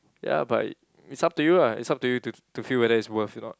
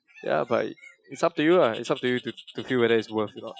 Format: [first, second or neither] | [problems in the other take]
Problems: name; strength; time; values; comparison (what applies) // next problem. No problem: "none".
first | noise reduction (classical method Wiener filter)